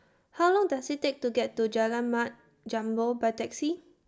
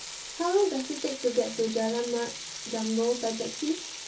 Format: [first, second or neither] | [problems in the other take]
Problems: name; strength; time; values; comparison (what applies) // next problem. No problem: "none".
first | background sound (Frying (food)); 10 dB below the speech // room echo; dies away in 0.3 s